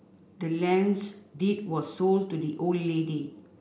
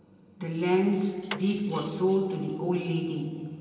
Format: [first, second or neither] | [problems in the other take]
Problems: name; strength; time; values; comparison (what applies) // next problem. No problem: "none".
first | background sound (Cutlery, silverware); 18 dB below the speech // room echo; dies away in 2.7 s